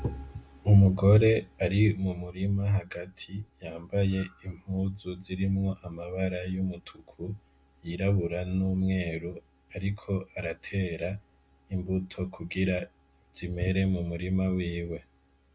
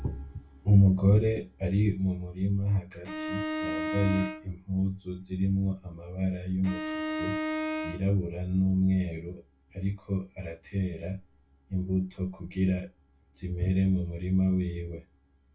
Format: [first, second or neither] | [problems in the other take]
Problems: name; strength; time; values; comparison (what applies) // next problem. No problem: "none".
first | background sound (Bowed string instrument); 5 dB below the speech // room echo; dies away in 0.2 s